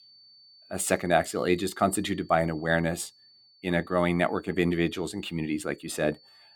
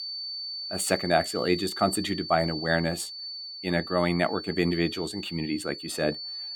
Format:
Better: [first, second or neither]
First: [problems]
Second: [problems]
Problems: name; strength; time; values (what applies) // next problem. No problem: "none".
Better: first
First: high-pitched whine; faint; throughout; 4.5 kHz, 30 dB below the speech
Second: high-pitched whine; loud; throughout; 4.5 kHz, 7 dB below the speech